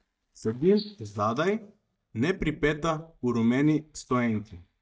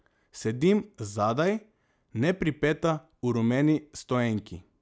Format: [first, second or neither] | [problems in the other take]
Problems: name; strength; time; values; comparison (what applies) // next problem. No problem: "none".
second | noise reduction (neural mask model DeepFilterNet 3)